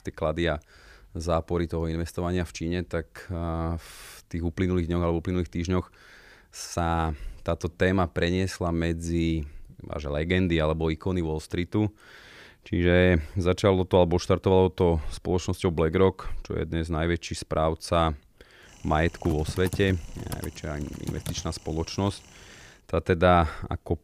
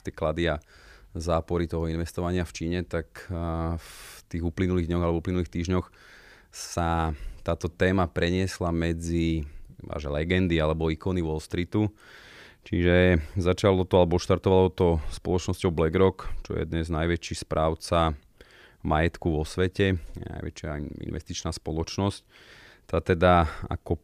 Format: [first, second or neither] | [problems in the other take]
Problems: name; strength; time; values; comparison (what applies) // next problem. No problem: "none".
second | keyboard typing; noticeable; from 19 to 22 s; peak 9 dB below the speech